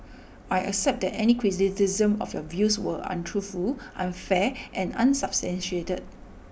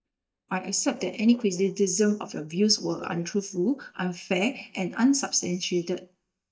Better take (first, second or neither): first